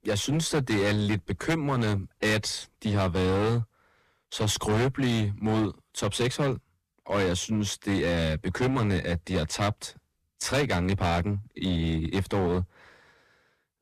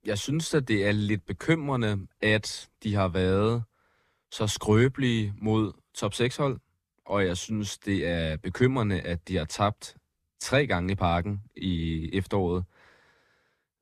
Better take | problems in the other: second | distortion; heavy; 13% of the sound clipped

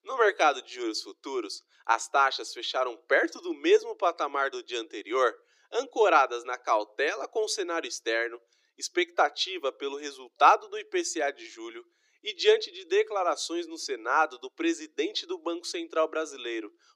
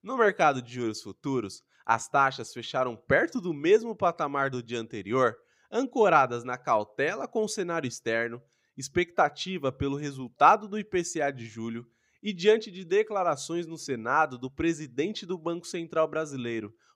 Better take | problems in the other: second | thin; very; fading below 300 Hz

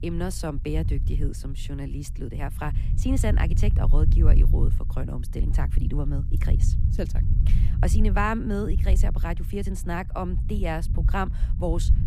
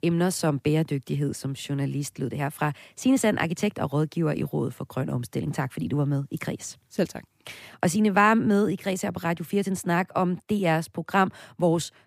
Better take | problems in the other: second | low rumble; noticeable; throughout; 10 dB below the speech

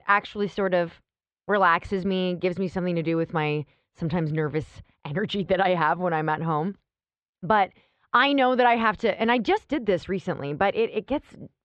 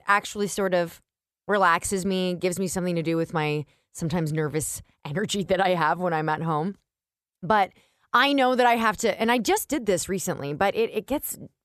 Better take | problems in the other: second | muffled; slightly; fading above 3.5 kHz

